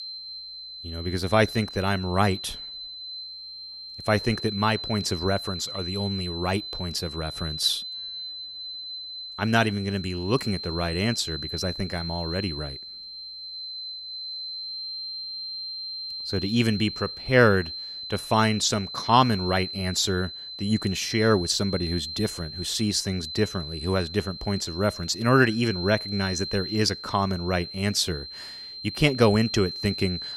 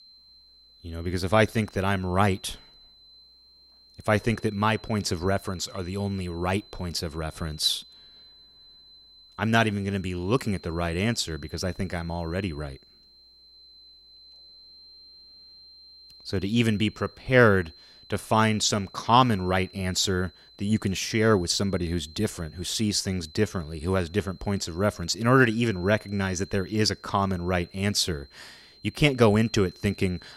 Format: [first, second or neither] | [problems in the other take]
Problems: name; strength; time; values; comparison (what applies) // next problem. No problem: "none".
second | high-pitched whine; loud; throughout; 4 kHz, 8 dB below the speech; faint in the second